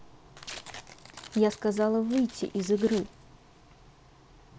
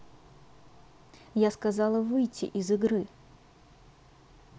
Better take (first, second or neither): second